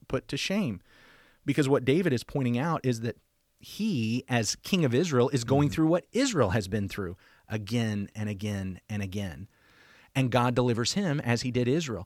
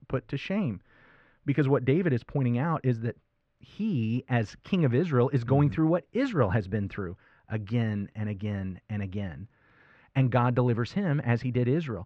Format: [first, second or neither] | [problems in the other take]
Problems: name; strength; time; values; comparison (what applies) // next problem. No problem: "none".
first | muffled; very; fading above 2 kHz